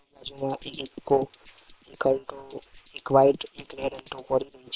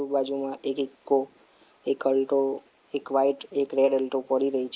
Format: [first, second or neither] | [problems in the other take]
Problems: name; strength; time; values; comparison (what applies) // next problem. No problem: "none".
second | noise reduction (neural separator model SepFormer WHAM!)